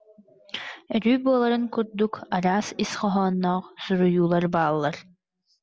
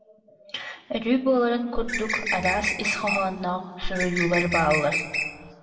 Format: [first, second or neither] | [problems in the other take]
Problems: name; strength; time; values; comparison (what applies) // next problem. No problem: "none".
first | background sound (Bird); 2 dB below the speech // room echo; dies away in 1.3 s